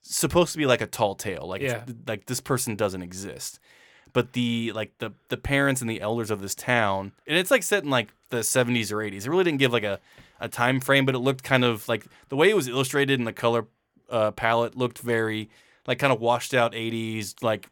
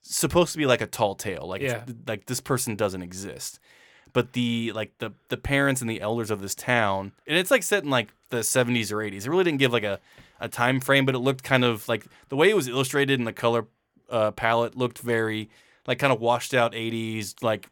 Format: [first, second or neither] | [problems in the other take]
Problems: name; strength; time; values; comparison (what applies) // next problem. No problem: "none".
neither | none